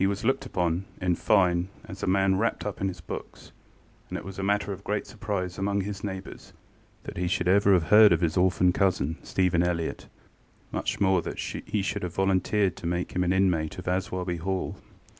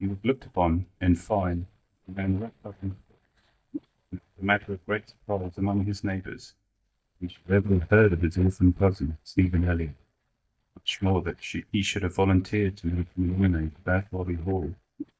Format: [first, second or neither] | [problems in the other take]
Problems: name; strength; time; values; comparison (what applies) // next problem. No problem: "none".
first | noise reduction (neural mask model DeepFilterNet 3)